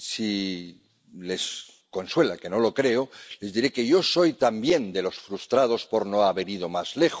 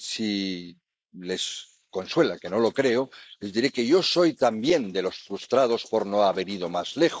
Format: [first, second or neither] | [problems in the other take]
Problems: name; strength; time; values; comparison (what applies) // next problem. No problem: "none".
first | noise reduction (neural mask model Resemble Enhance denoiser)